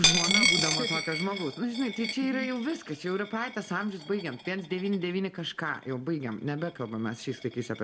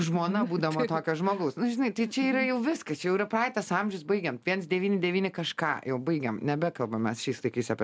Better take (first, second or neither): second